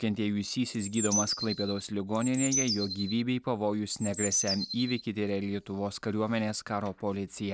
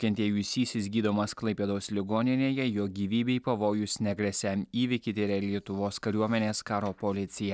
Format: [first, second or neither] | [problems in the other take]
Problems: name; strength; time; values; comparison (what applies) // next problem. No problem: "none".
second | background sound (Bird); 3 dB below the speech